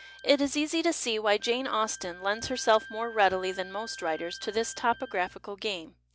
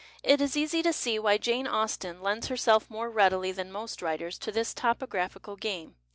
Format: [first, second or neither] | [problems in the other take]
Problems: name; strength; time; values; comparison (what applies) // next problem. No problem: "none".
second | background sound (Wind instrument, woodwind instrument); 19 dB below the speech